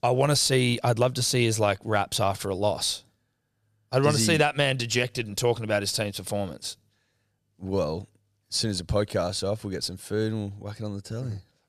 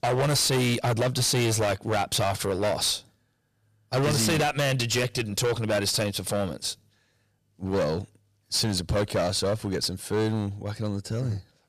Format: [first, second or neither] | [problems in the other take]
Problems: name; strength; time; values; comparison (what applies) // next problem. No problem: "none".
first | distortion; heavy; 16% of the sound clipped